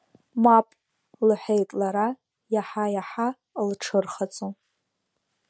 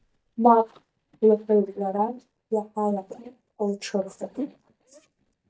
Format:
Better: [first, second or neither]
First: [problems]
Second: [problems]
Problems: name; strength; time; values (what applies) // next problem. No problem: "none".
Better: first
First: none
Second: noise reduction (neural mask model DeepFilterNet 3)